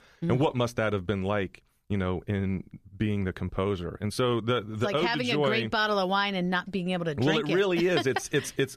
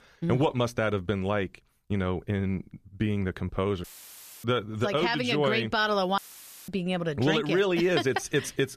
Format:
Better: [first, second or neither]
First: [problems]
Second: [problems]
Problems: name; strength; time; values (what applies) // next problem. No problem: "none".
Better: first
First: none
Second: audio cutting out; filled with static; at 4 s for 0.5 s and at 6 s for 0.5 s